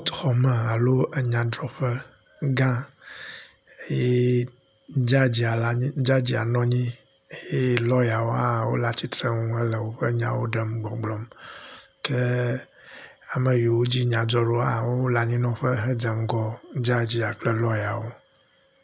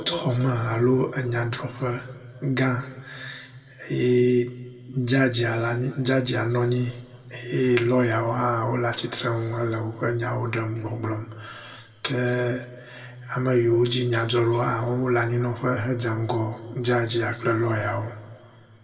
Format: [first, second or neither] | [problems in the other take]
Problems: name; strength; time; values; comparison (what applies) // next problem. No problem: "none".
first | room echo; dies away in 1.4 s